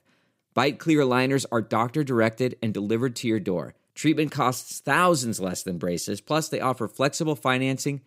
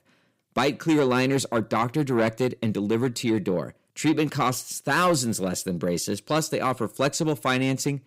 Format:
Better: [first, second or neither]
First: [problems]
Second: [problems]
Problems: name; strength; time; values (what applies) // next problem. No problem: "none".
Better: first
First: none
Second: distortion; slight; 10 dB below the speech